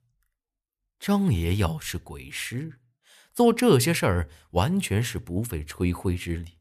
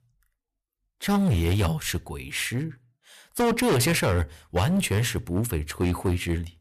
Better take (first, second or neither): first